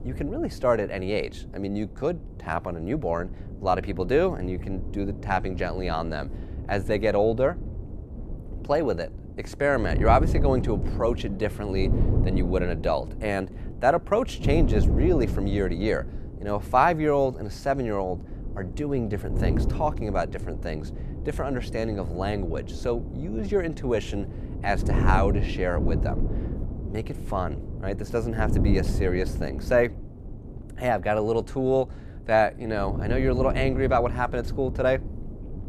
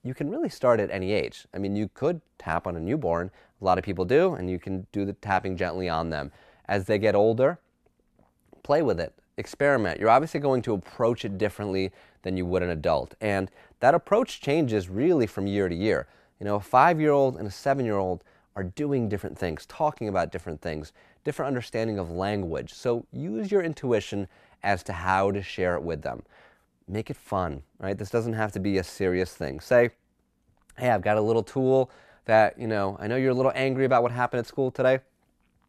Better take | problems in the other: second | wind noise on the microphone; occasional gusts; 15 dB below the speech

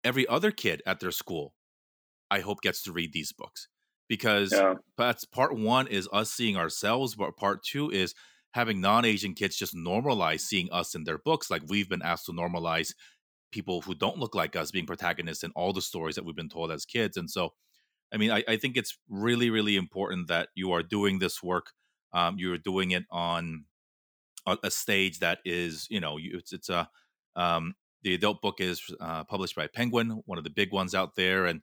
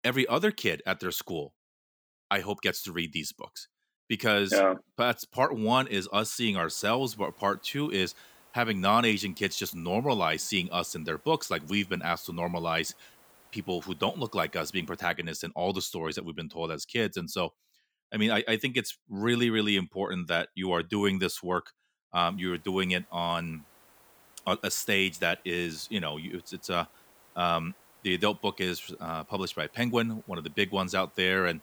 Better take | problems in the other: first | hiss; faint; from 6.5 to 15 s and from 22 s on; 30 dB below the speech

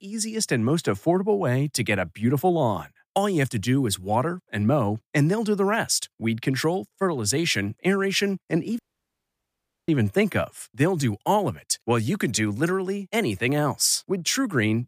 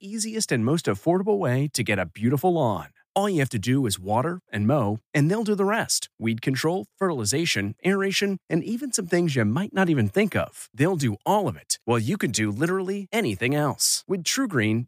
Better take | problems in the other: second | audio cutting out; at 9 s for 1 s

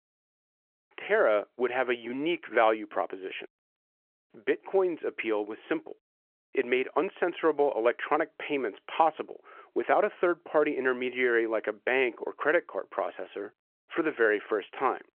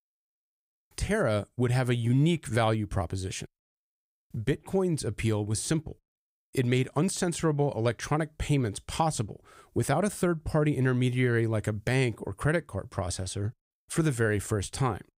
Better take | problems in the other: second | phone-call audio

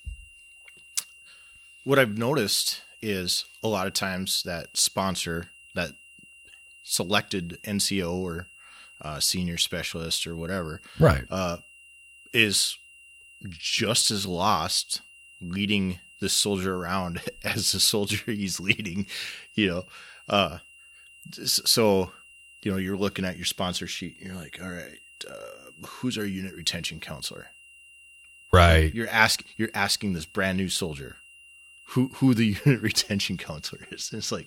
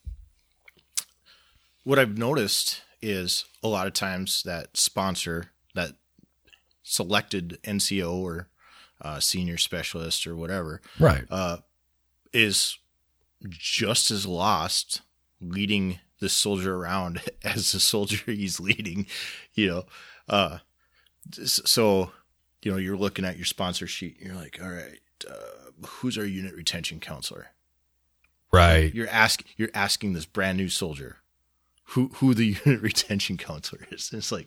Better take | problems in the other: second | high-pitched whine; faint; throughout; 3 kHz, 25 dB below the speech

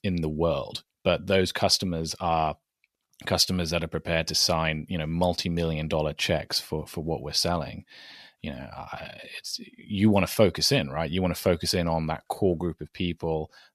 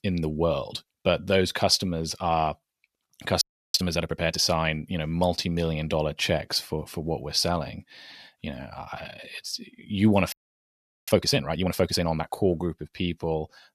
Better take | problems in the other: first | audio freezing; at 3.5 s and at 10 s for 1 s

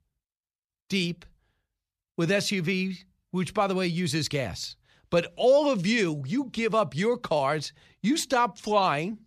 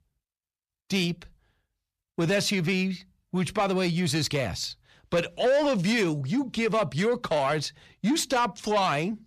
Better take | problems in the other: first | distortion; slight; 10 dB below the speech

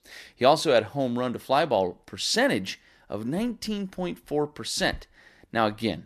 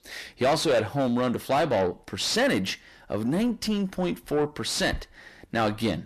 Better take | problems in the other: first | distortion; heavy; 7 dB below the speech

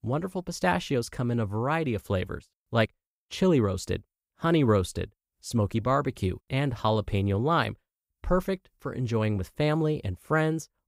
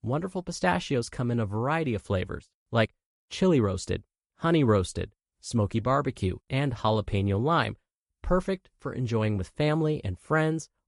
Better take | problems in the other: first | garbled, watery; slightly; nothing above 11 kHz

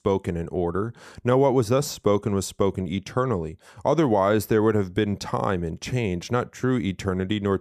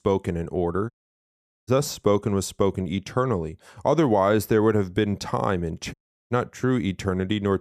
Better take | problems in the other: first | audio cutting out; at 1 s for 1 s and at 6 s

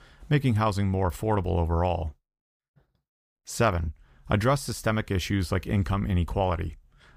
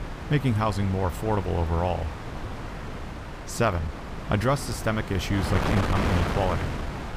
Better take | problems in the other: first | wind noise on the microphone; heavy; 5 dB below the speech

